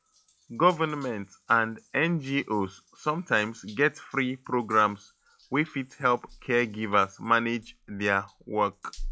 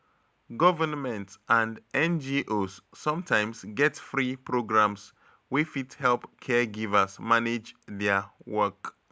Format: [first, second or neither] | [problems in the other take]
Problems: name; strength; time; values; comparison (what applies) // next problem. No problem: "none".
second | noise reduction (classical method log-MMSE)